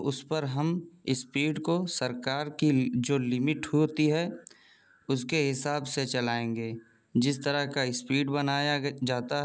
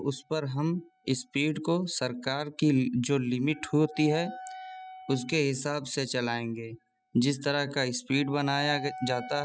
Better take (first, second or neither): first